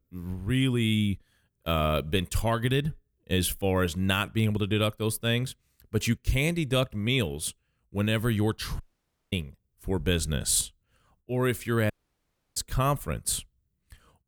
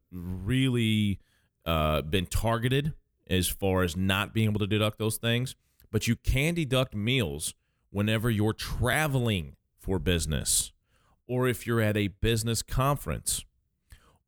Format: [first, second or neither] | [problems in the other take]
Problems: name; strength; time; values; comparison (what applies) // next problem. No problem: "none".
second | audio cutting out; at 9 s for 0.5 s and at 12 s for 0.5 s